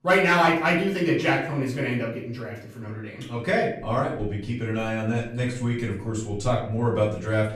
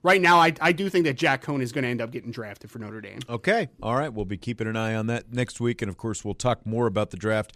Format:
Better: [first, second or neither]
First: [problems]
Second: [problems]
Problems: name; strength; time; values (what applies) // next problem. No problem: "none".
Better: second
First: room echo; slight; dies away in 0.5 s // off-mic speech; far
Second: none